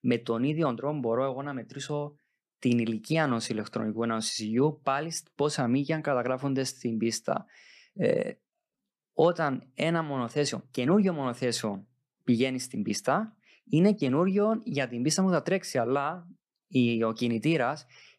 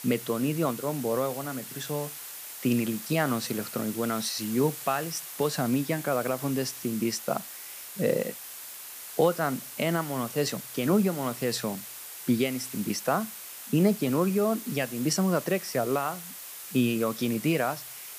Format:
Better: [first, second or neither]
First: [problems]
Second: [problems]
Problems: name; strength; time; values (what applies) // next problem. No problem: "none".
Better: first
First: none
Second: hiss; loud; throughout; 10 dB below the speech